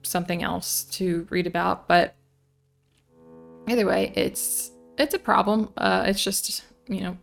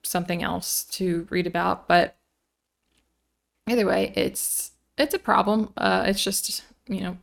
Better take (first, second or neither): second